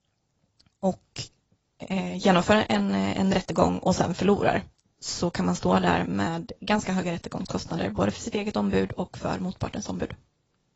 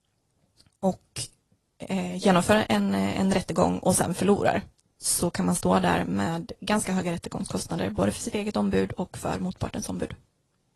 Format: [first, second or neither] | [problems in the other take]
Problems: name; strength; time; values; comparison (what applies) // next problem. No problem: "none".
second | garbled, watery; badly; nothing above 7.5 kHz; slightly in the second